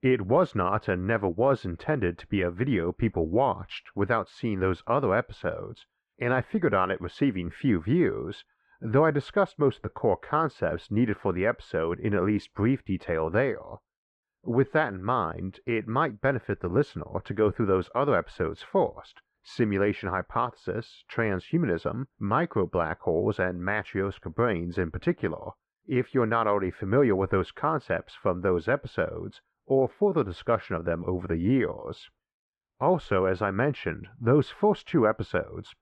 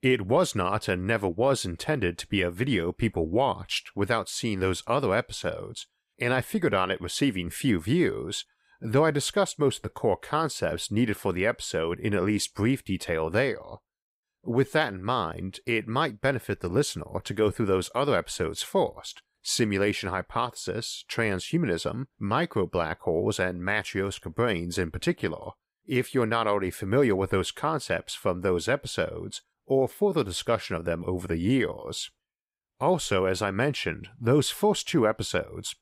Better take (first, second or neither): second